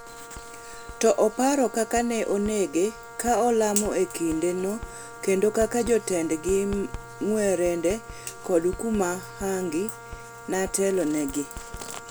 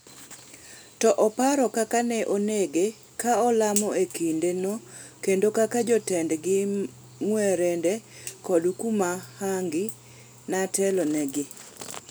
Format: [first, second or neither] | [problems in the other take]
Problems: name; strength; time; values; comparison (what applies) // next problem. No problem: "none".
second | background sound (Writing + Wind instrument, woodwind instrument); 15 dB below the speech